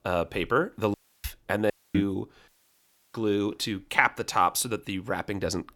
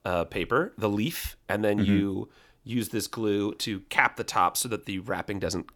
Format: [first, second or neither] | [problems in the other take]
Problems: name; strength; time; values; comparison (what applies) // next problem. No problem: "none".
second | audio cutting out; at 1 s, at 1.5 s and at 2.5 s for 0.5 s